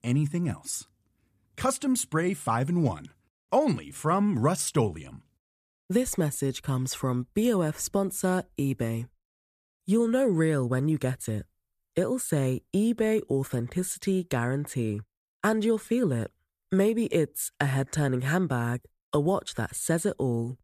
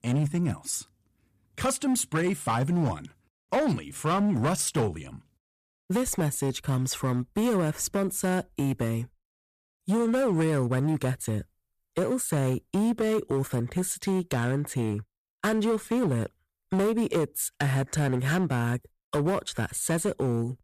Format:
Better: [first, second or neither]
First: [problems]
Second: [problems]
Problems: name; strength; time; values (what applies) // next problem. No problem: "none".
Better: first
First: none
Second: distortion; slight; 11% of the sound clipped